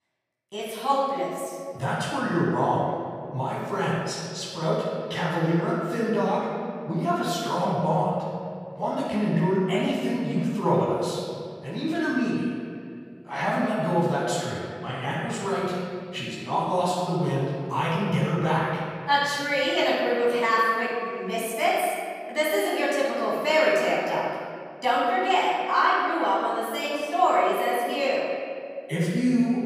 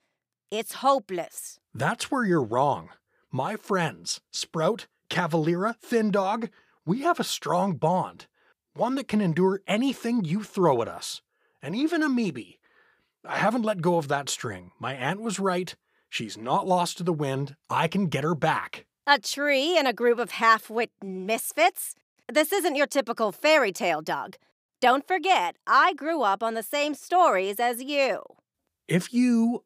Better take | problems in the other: second | off-mic speech; far // room echo; strong; dies away in 2.2 s

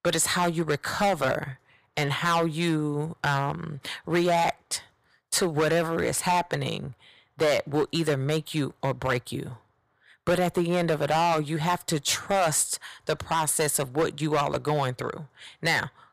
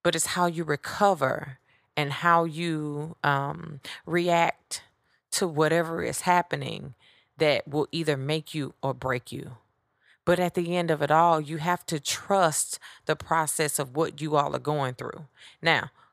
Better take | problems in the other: second | distortion; heavy; 7% of the sound clipped

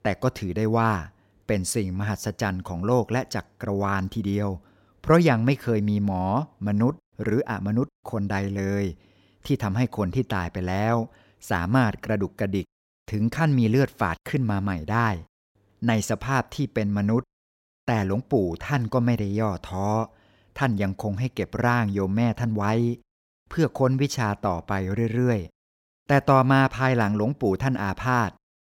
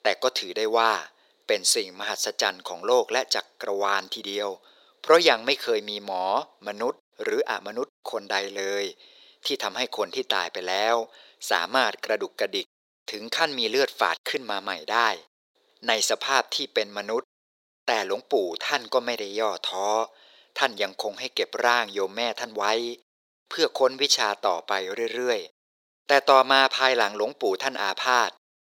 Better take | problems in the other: first | thin; very; fading below 450 Hz

